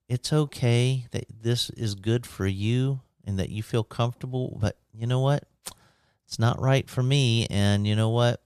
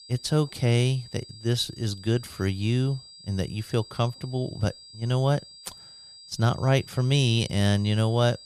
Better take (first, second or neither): first